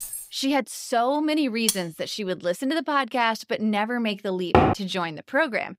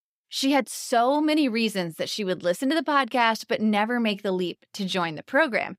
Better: second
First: jangling keys; noticeable; at the start; peak 8 dB below the speech // clattering dishes; noticeable; at 1.5 s; peak 1 dB below the speech // door banging; loud; at 4.5 s; peak 6 dB above the speech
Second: none

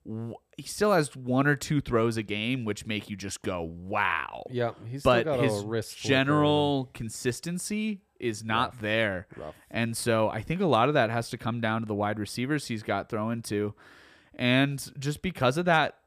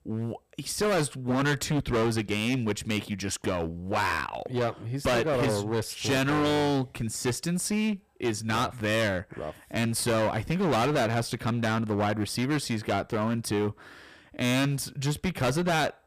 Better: first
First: none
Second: distortion; heavy; 18% of the sound clipped

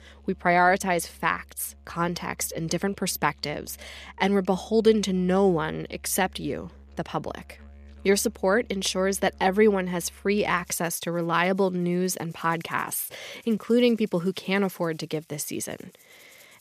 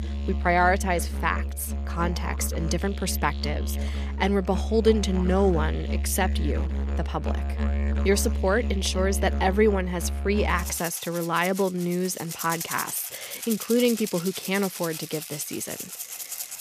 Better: first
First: background music; faint; throughout; 25 dB below the speech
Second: background music; loud; throughout; 4 dB below the speech

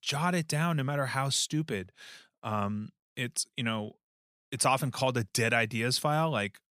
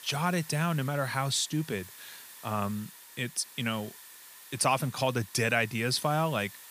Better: first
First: none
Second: hiss; noticeable; throughout; 15 dB below the speech

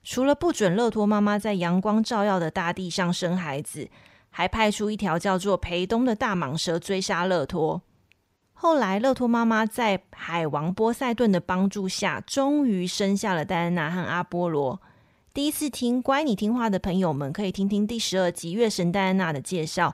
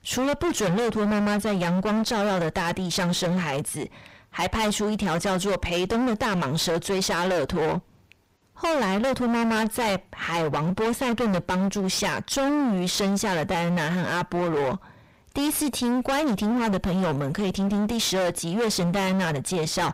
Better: first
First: none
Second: distortion; heavy; 35% of the sound clipped

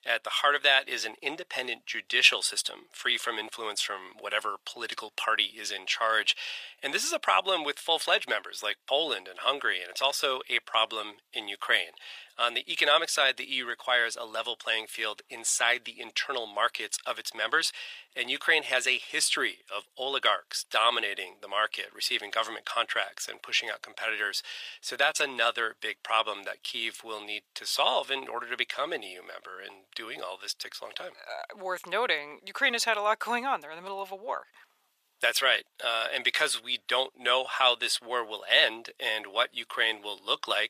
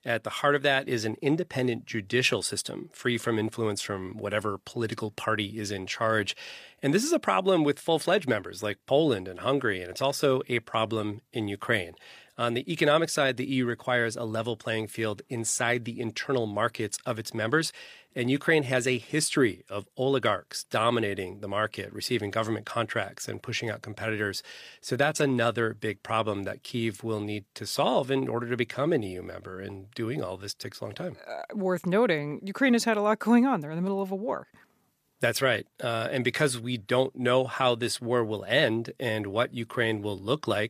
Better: second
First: thin; very; fading below 850 Hz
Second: none

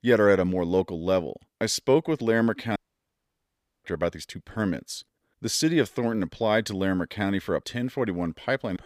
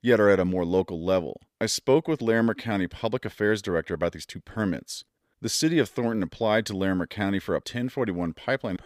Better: second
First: audio cutting out; at 3 s for 1 s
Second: none

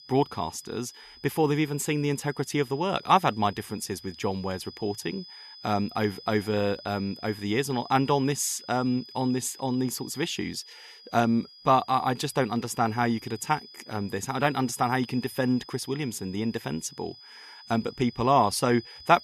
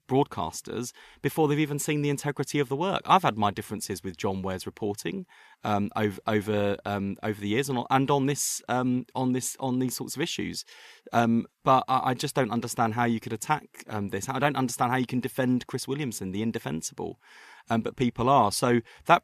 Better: second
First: high-pitched whine; noticeable; throughout; 5 kHz, 20 dB below the speech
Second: none

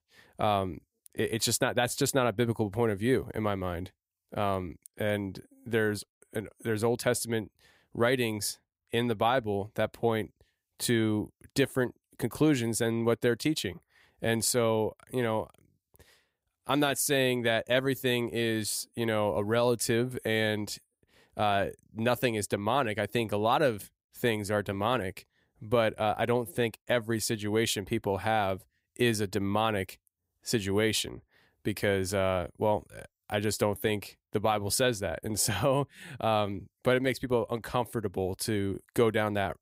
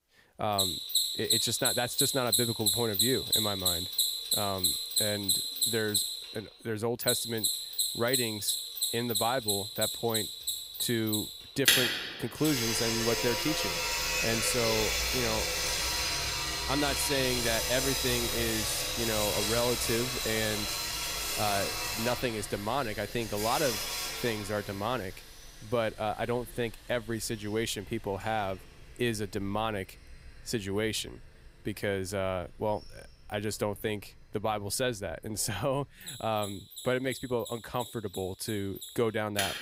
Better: first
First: none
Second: machinery noise; very loud; throughout; 4 dB above the speech

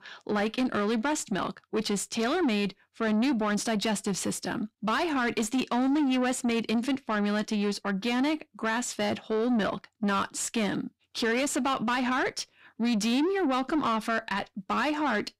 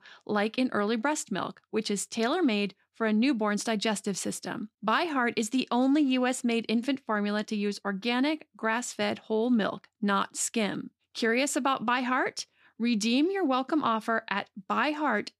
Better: second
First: distortion; slight; 10 dB below the speech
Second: none

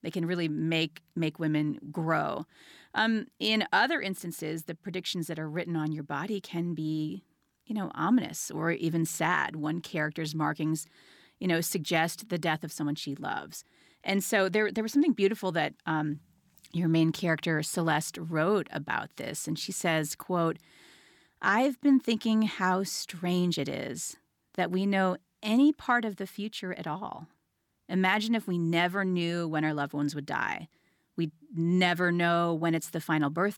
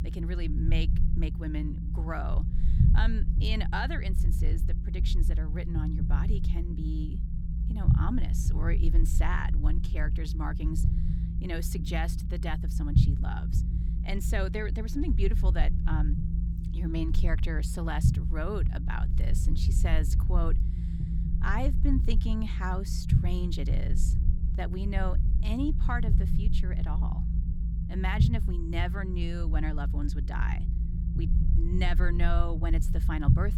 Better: first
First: none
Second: low rumble; loud; throughout; 6 dB below the speech

